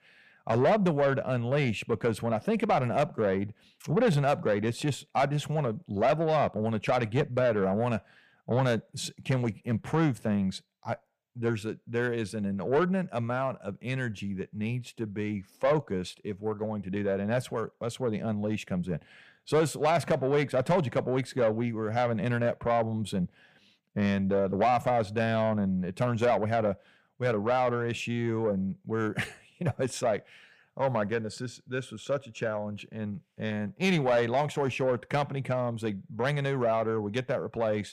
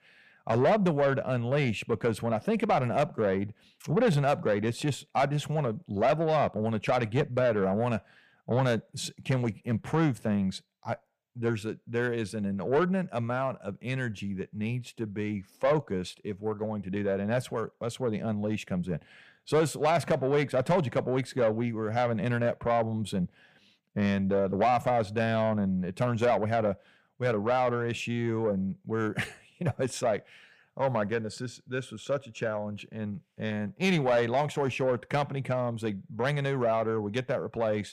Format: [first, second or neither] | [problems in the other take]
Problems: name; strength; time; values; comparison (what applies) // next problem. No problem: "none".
neither | distortion; slight; 10 dB below the speech; the same in both